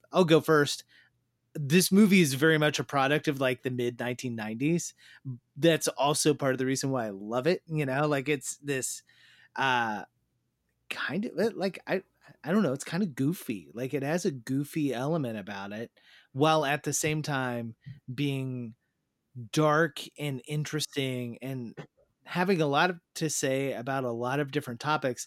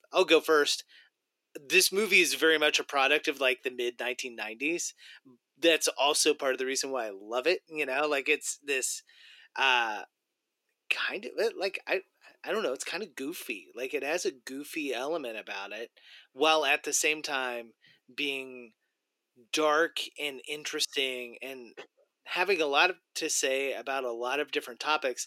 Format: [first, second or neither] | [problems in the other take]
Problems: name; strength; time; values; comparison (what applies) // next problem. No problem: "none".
first | thin; somewhat; fading below 350 Hz